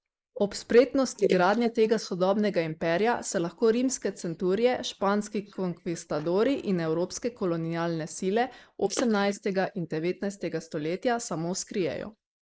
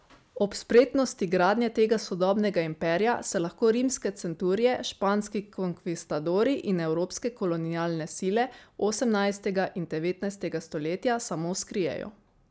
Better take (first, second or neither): second